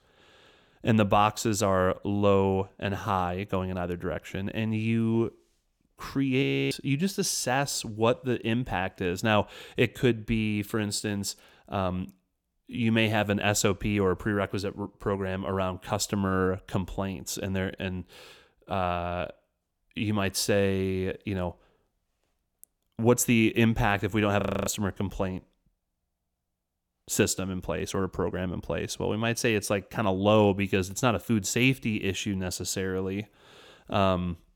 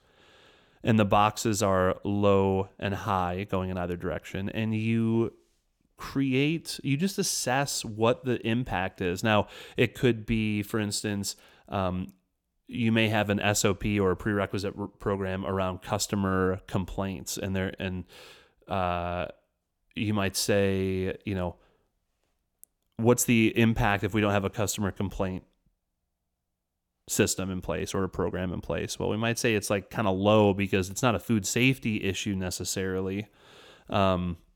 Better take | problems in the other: second | audio freezing; at 6.5 s and at 24 s

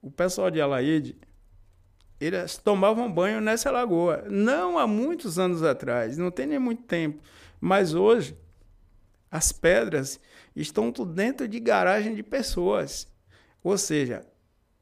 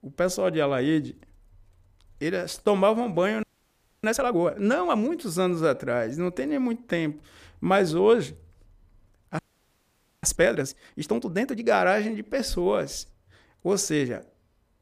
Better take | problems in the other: first | audio freezing; at 3.5 s for 0.5 s and at 9.5 s for 1 s

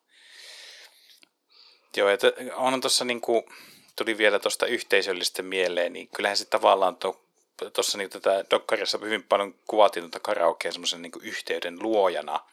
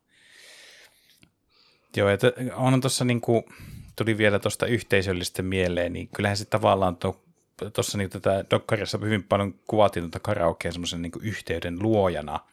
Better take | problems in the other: second | thin; somewhat; fading below 350 Hz

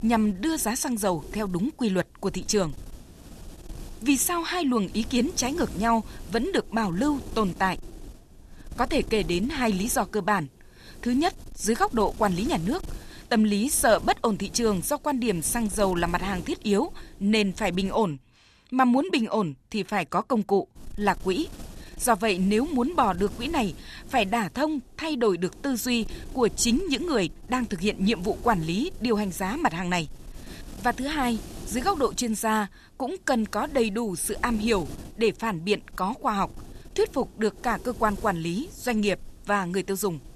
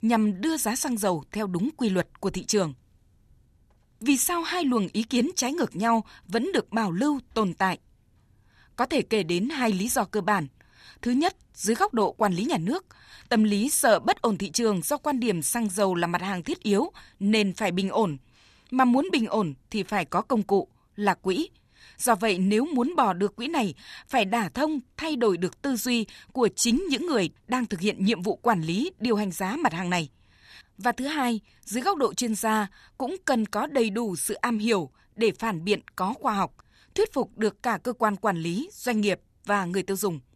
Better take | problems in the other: second | wind noise on the microphone; occasional gusts; until 18 s and from 21 s on; 20 dB below the speech

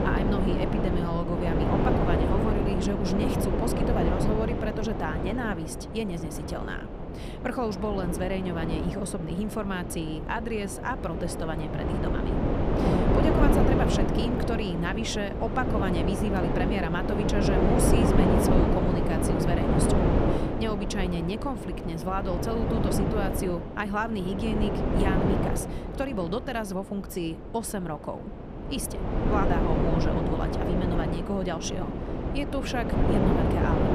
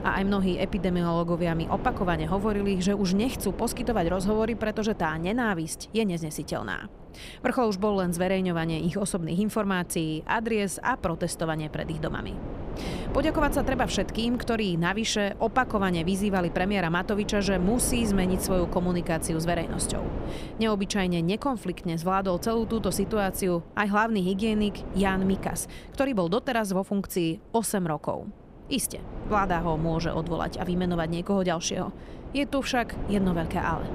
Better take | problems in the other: second | wind noise on the microphone; heavy; 2 dB above the speech; occasional gusts in the second

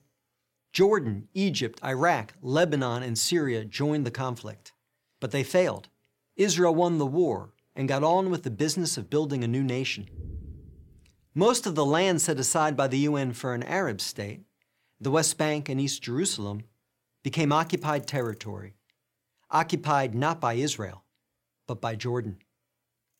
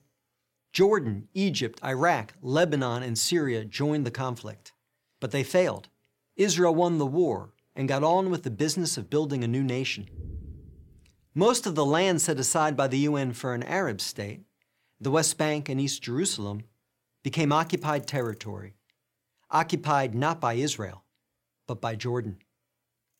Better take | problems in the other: neither | none

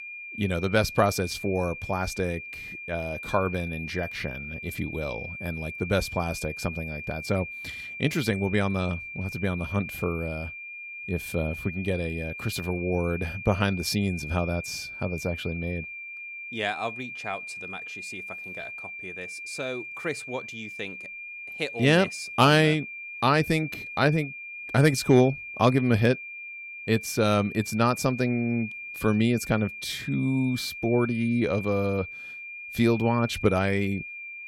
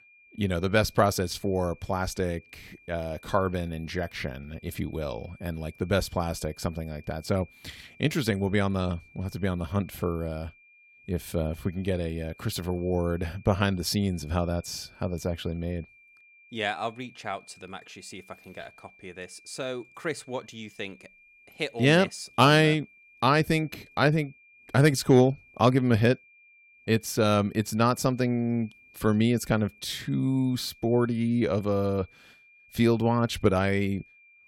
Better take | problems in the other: second | high-pitched whine; loud; throughout; 2.5 kHz, 9 dB below the speech; faint in the second

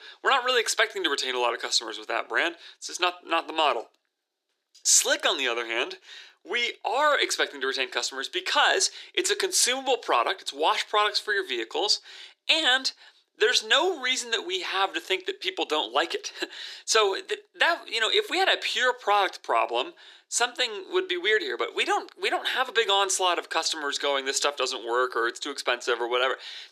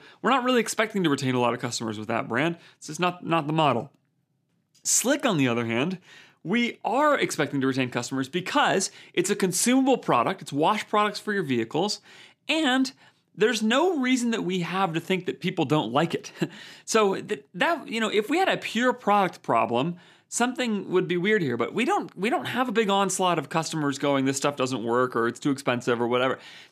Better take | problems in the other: second | thin; very; fading below 350 Hz

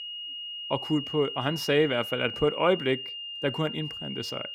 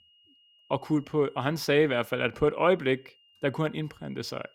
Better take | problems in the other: second | high-pitched whine; loud; throughout; 3 kHz, 7 dB below the speech; faint in the second

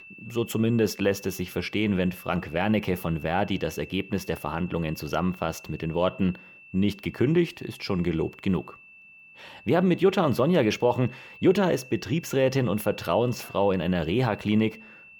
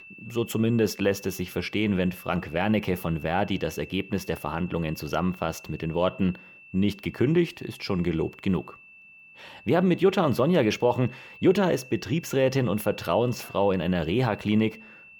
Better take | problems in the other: neither | high-pitched whine; faint; throughout; 2.5 kHz, 20 dB below the speech; the same in both

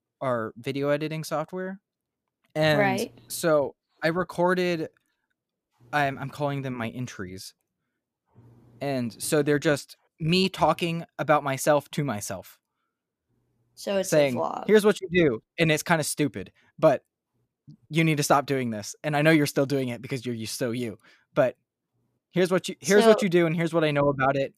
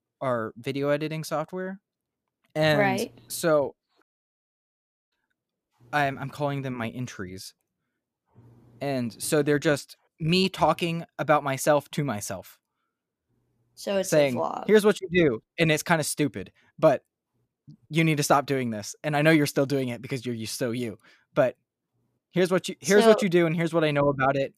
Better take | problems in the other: first | audio cutting out; at 4 s for 1 s

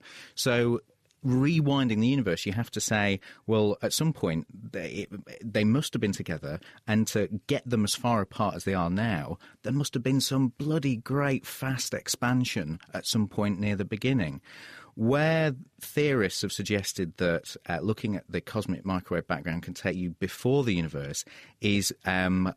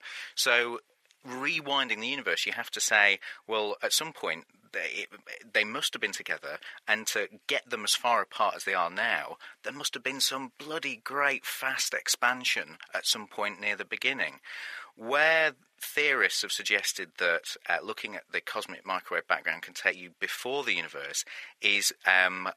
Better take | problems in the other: first | thin; very; fading below 800 Hz

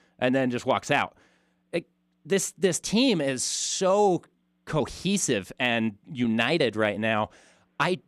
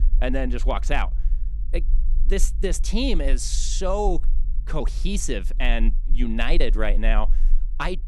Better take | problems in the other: first | low rumble; faint; throughout; 25 dB below the speech

